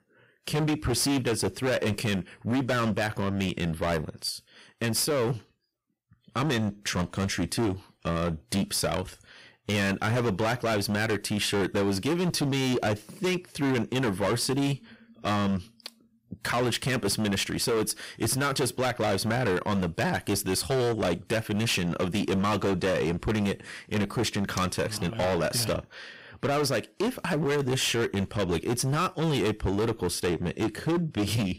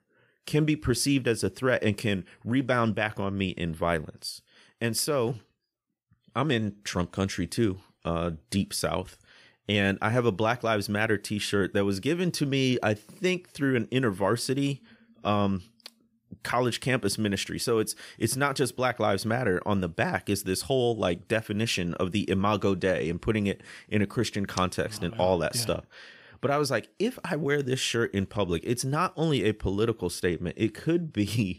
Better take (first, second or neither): second